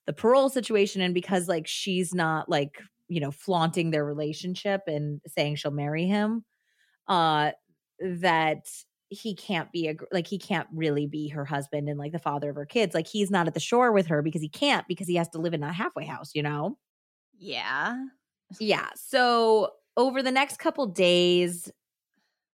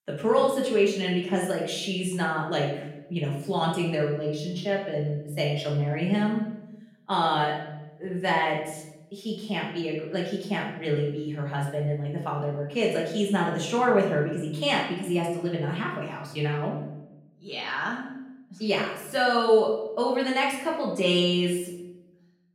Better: first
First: none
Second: room echo; noticeable; dies away in 0.7 s // off-mic speech; far

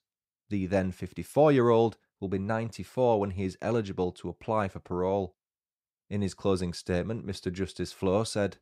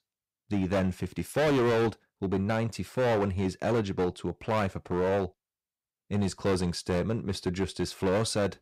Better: first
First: none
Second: distortion; heavy; 14% of the sound clipped

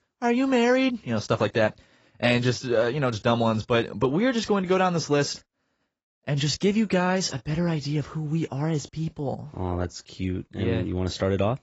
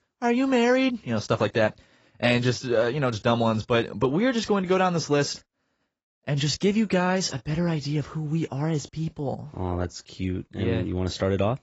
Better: neither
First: garbled, watery; badly; nothing above 7.5 kHz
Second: garbled, watery; badly; nothing above 7.5 kHz

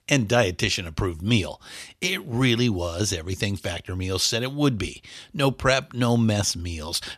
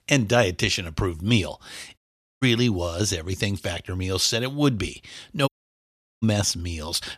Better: first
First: none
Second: audio cutting out; at 2 s and at 5.5 s for 0.5 s

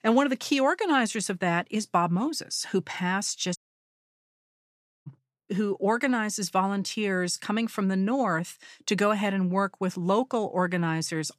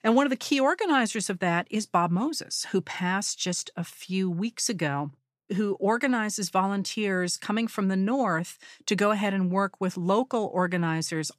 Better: second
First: audio cutting out; at 3.5 s for 1.5 s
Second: none

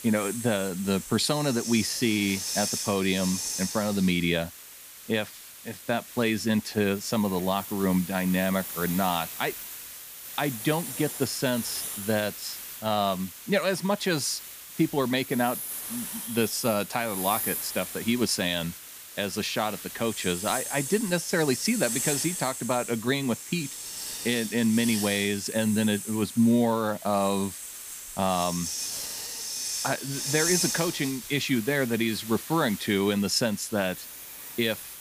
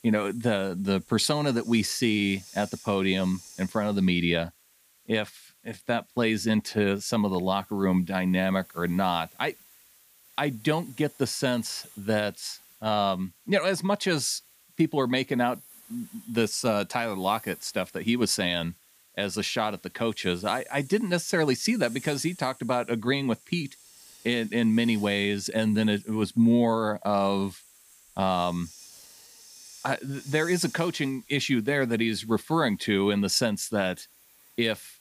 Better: second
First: hiss; loud; throughout; 6 dB below the speech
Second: hiss; faint; throughout; 25 dB below the speech

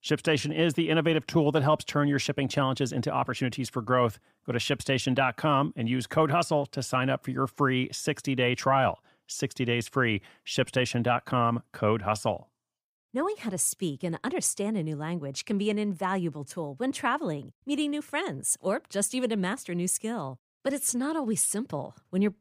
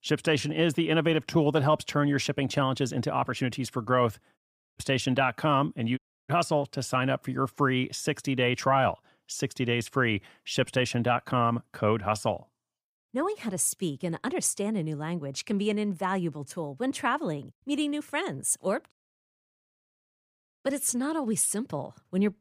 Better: first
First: none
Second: audio cutting out; at 4.5 s, at 6 s and at 19 s for 1.5 s

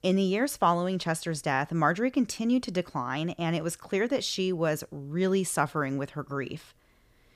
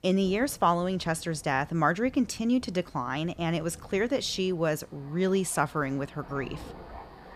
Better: first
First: none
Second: rain or running water; faint; throughout; 20 dB below the speech

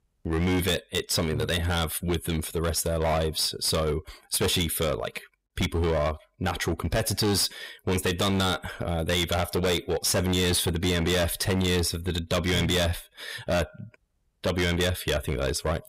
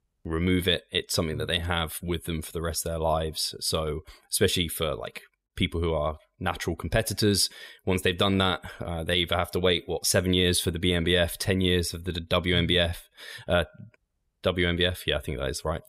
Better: second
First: distortion; heavy; 17% of the sound clipped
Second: none

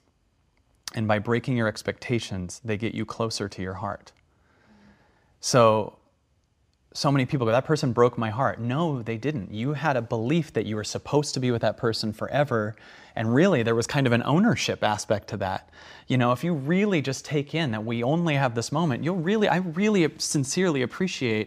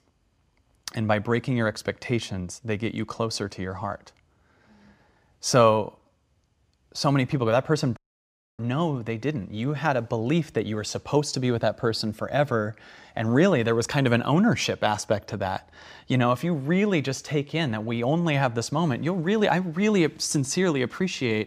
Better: first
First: none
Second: audio cutting out; at 8 s for 0.5 s

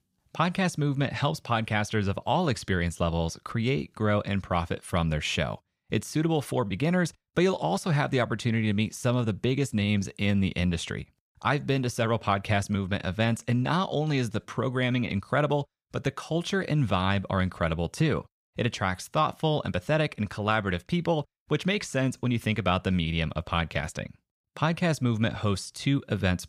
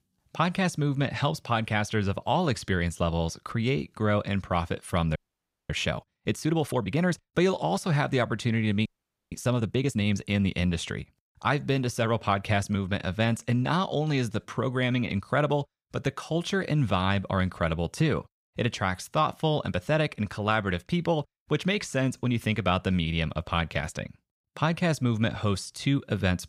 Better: first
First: none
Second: audio freezing; at 5 s for 0.5 s and at 9 s

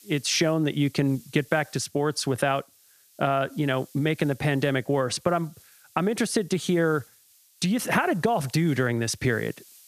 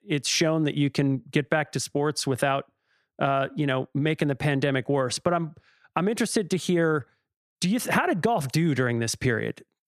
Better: second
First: hiss; faint; throughout; 25 dB below the speech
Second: none

